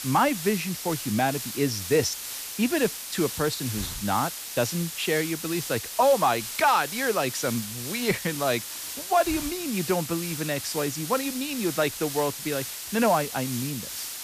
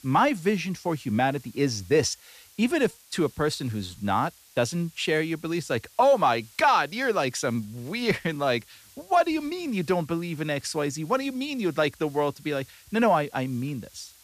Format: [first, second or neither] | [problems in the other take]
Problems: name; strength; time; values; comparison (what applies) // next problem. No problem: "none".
second | hiss; loud; throughout; 6 dB below the speech; faint in the second